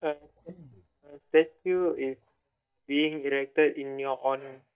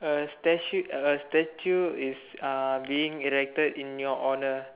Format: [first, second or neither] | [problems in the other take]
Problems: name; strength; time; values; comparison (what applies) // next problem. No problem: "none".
second | noise reduction (neural mask model DeepFilterNet 3)